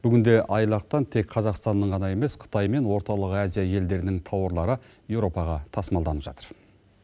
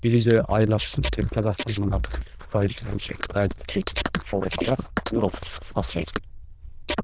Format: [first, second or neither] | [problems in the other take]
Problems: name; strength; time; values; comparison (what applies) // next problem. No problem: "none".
first | noise reduction (neural diffusion model UNIVERSE++)